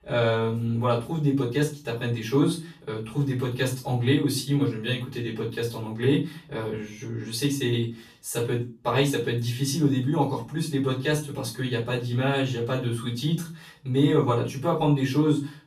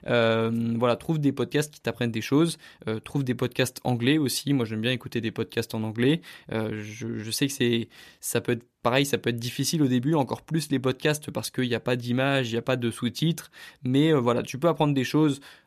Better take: second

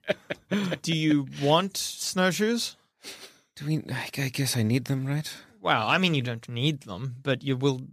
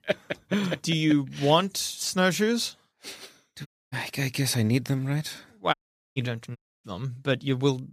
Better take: first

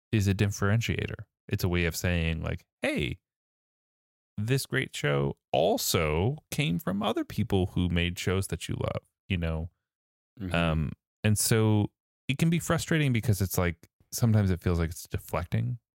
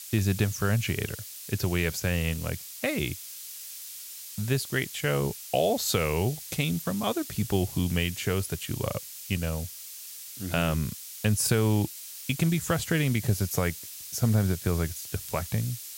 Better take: first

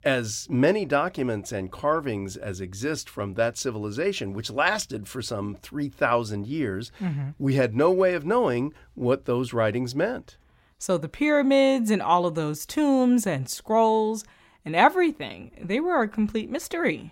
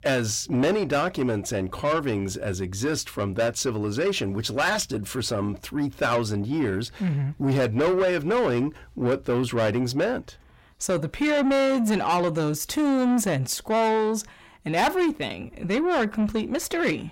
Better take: first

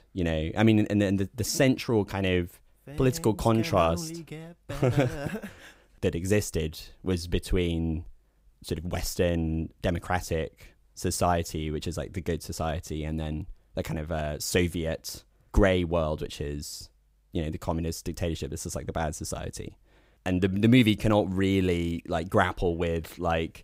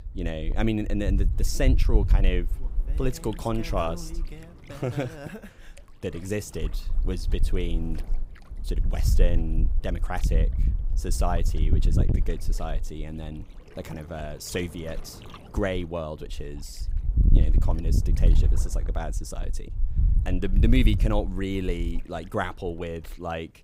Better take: first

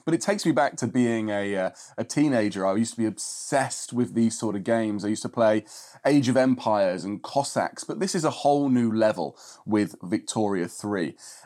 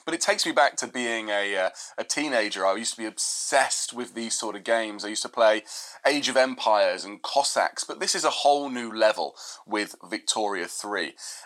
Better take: first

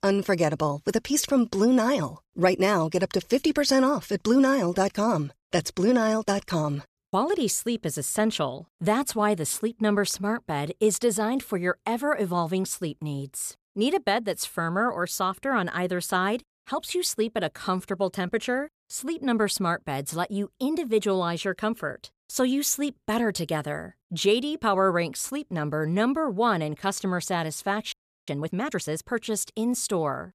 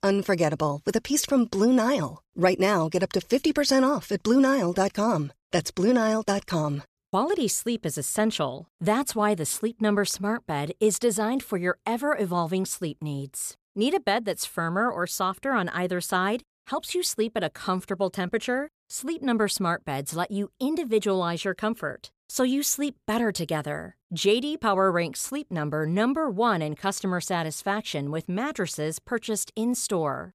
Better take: second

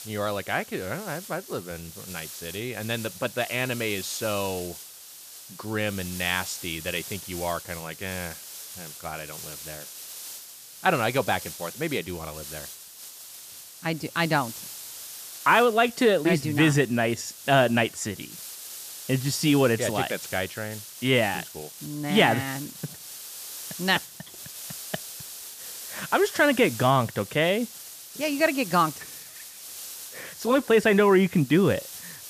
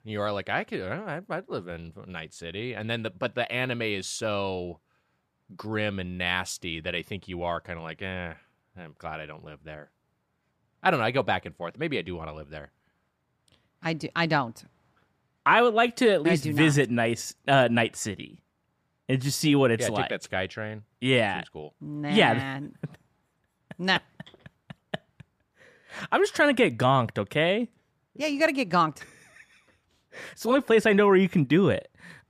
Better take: second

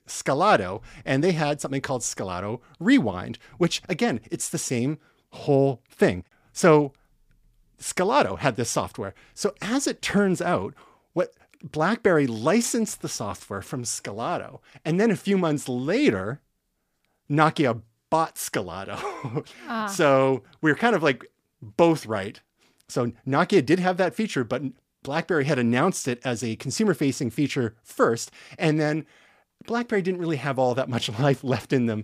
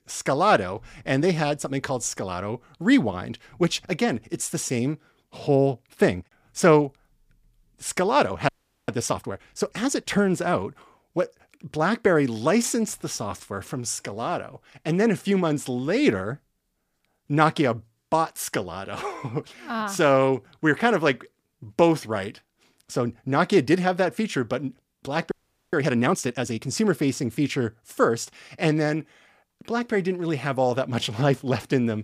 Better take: first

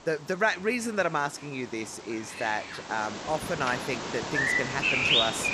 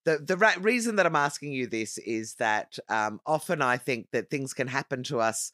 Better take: second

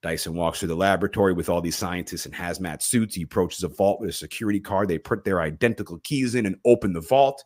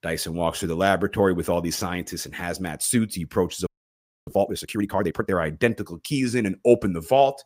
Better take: first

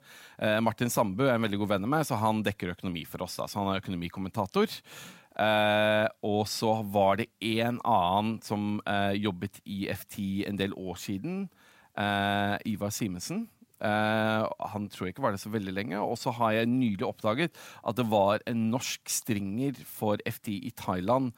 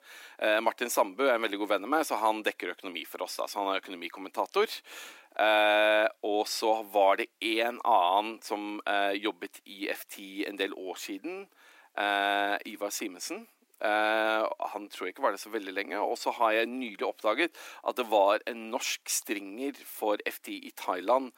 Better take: first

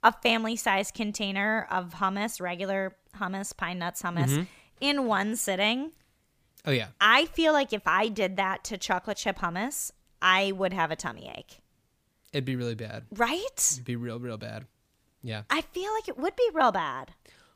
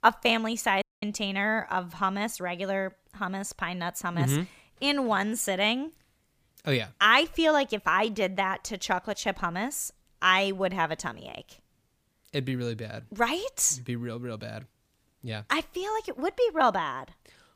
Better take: first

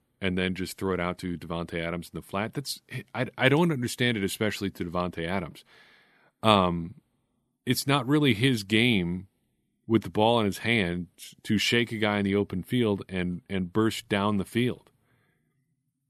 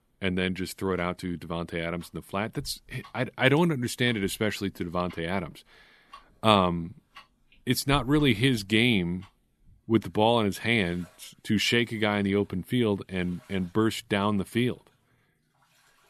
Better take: first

